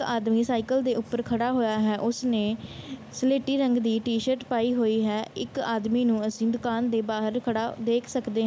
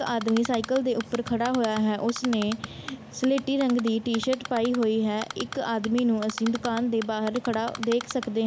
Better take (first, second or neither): first